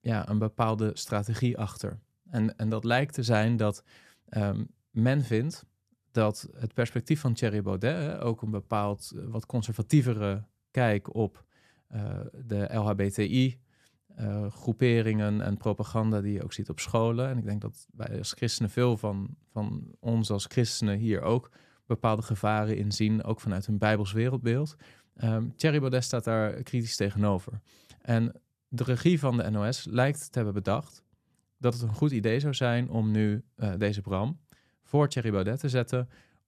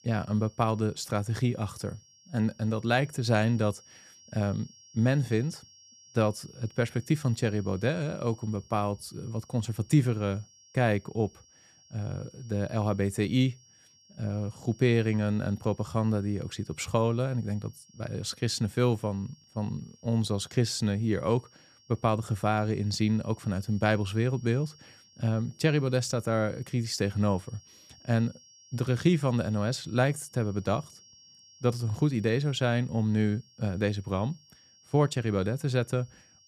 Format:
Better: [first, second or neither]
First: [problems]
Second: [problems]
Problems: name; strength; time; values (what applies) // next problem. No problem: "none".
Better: first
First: none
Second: high-pitched whine; faint; throughout; 5.5 kHz, 25 dB below the speech